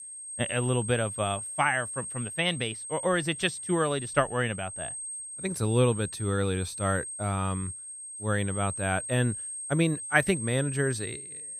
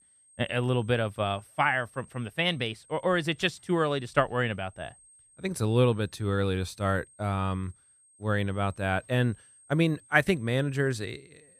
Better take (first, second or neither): second